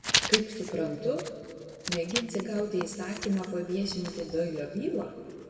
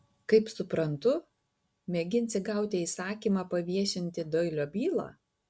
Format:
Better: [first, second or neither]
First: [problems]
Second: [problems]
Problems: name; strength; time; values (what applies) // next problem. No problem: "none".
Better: second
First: background sound (Writing); 4 dB below the speech // room echo; dies away in 2.2 s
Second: none